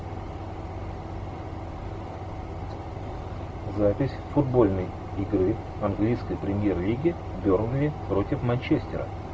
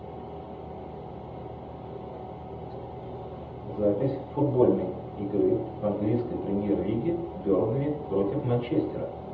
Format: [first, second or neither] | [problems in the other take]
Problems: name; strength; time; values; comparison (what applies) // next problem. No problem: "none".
first | room echo; dies away in 0.7 s